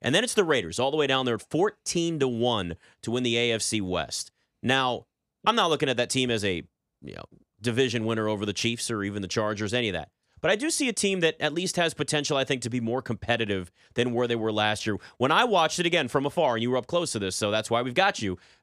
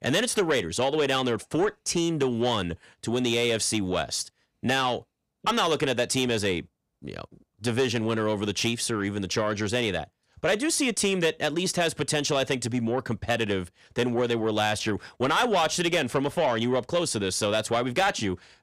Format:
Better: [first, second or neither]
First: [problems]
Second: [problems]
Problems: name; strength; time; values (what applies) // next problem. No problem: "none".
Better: first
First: none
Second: distortion; slight; 10 dB below the speech